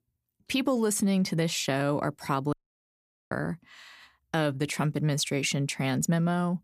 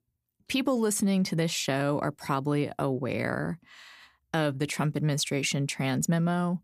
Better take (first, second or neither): second